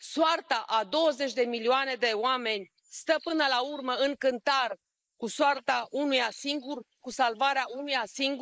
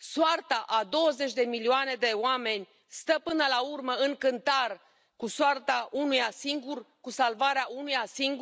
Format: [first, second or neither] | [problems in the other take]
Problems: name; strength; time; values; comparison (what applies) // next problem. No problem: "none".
second | noise reduction (neural mask model Resemble Enhance denoiser)